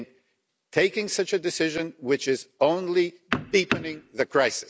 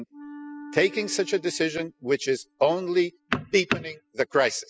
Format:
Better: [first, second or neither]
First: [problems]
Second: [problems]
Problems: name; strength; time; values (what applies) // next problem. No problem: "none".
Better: first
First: none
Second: noise reduction (classical method spectral subtraction)